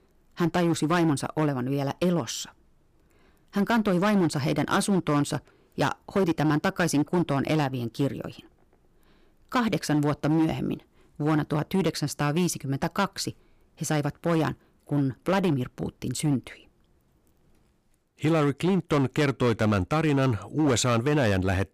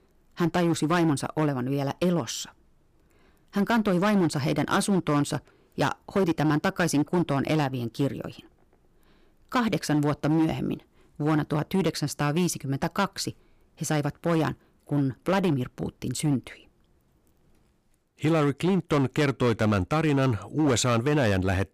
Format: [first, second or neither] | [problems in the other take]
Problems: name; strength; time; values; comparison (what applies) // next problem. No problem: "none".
neither | distortion; slight; 8% of the sound clipped; the same in both